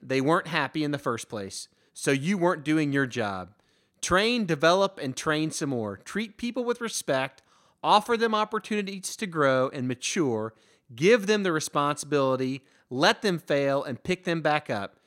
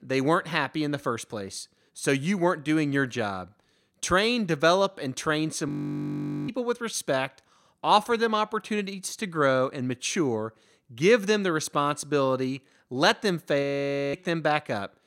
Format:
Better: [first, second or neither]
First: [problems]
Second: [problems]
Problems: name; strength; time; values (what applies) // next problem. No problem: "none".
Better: first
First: none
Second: audio freezing; at 5.5 s for 1 s and at 14 s for 0.5 s